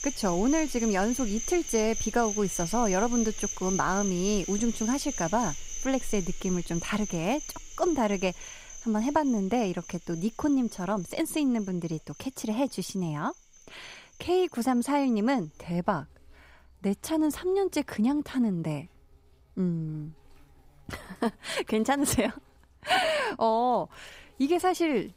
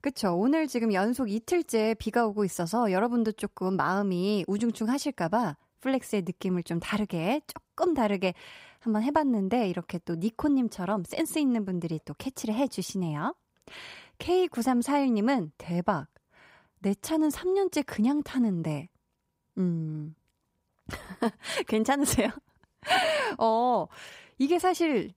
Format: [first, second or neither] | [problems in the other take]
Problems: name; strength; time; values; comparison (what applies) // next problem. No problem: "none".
second | animal sounds; loud; throughout; 8 dB below the speech